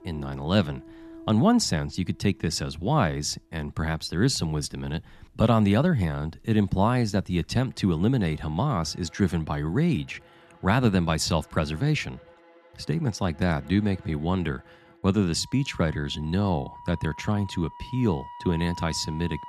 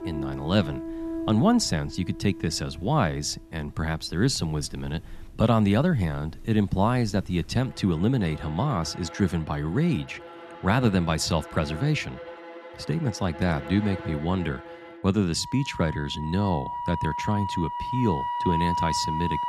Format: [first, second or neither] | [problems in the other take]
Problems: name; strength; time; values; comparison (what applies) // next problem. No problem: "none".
first | background music; loud; throughout; 9 dB below the speech; faint in the first